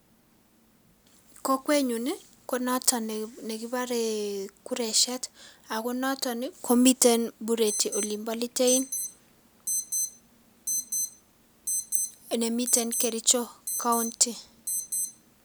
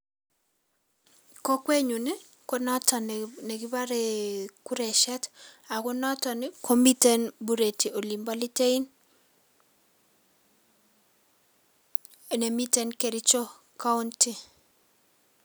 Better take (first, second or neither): second